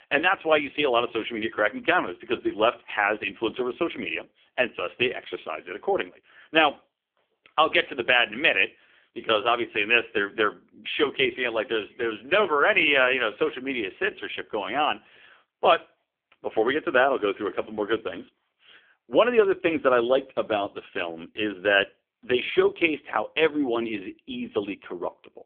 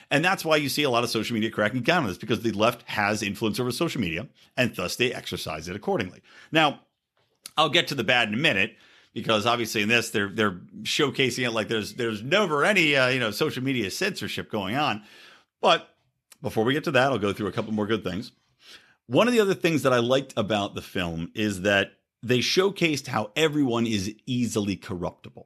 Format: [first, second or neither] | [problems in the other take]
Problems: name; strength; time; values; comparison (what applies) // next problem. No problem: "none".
second | phone-call audio; poor line; nothing above 3.5 kHz